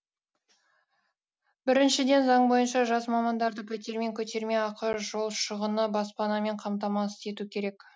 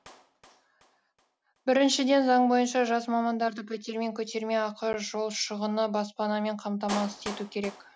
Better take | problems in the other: first | background sound (Clapping); 19 dB below the speech

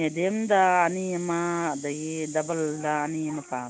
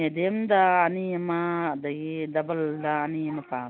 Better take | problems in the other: second | background sound (Rattle (instrument)); 17 dB below the speech

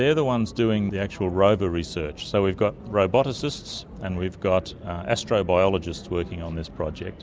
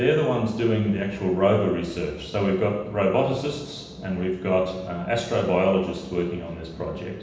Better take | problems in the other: first | room echo; dies away in 0.9 s

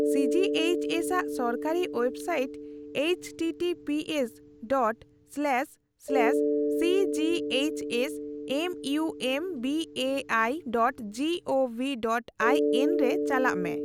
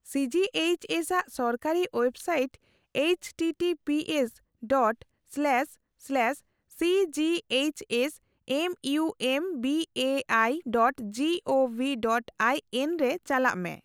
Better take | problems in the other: second | background sound (Mallet percussion); 2 dB below the speech

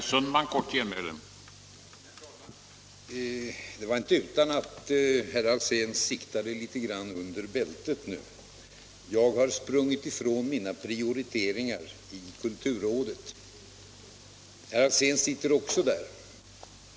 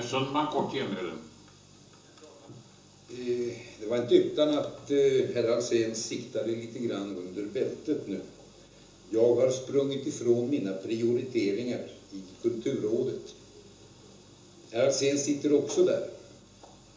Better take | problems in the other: first | room echo; dies away in 0.6 s

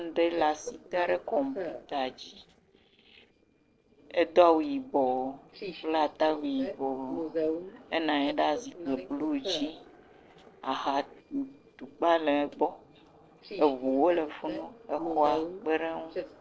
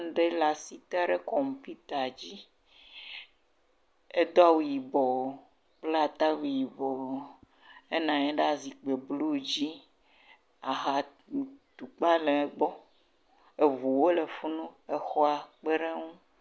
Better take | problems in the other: second | noise reduction (neural separator model SepFormer DNS4)

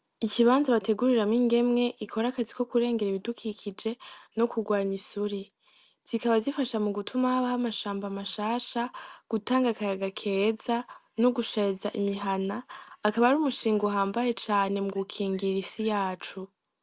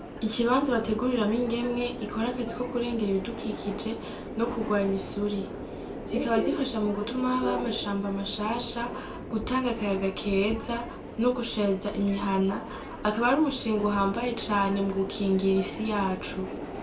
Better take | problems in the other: first | background sound (Subway, metro, underground); 8 dB below the speech // room echo; dies away in 0.3 s

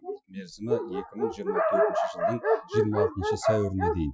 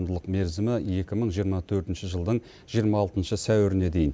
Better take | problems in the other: second | noise reduction (classical method Wiener filter)

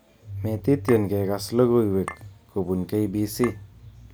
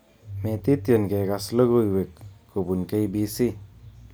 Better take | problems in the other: second | background sound (Chink, clink); 15 dB below the speech

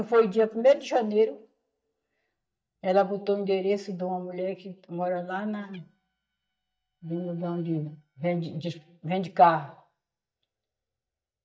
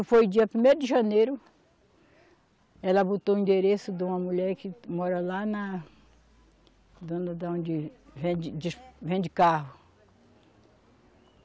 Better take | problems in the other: second | noise reduction (neural mask model DeepFilterNet 3)

